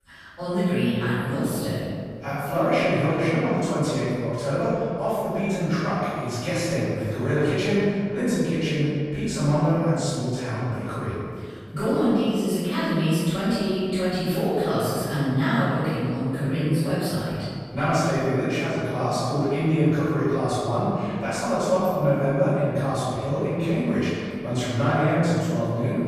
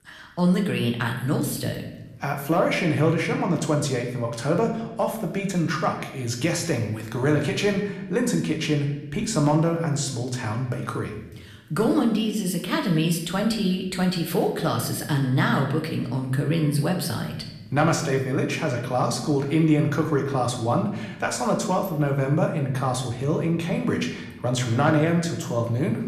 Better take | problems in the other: second | room echo; strong; dies away in 2.1 s; slight in the second // off-mic speech; far; somewhat distant in the second

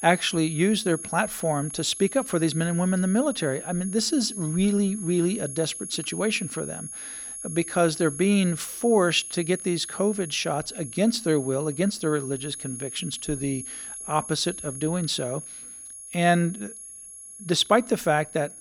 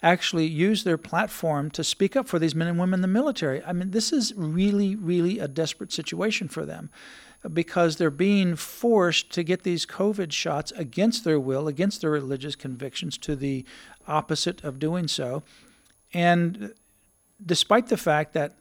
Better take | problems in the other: second | high-pitched whine; loud; throughout; 11 kHz, 10 dB below the speech; faint in the second

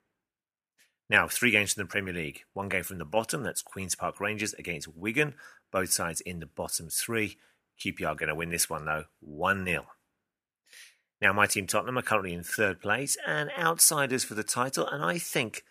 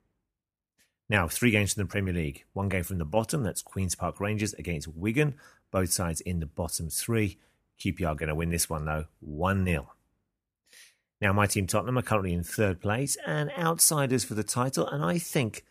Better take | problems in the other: second | thin; somewhat; fading below 800 Hz

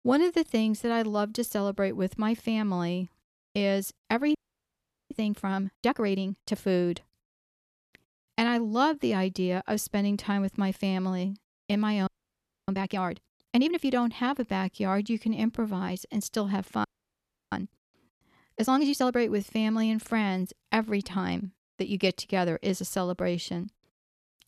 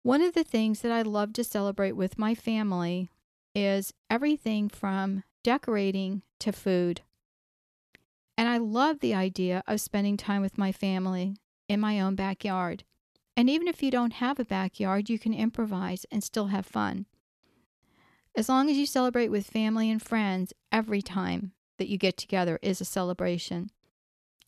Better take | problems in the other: second | audio freezing; at 4.5 s for 1 s, at 12 s for 0.5 s and at 17 s for 0.5 s

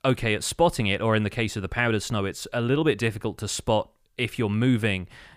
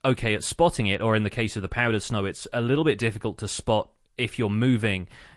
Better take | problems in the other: first | garbled, watery; slightly; nothing above 10.5 kHz

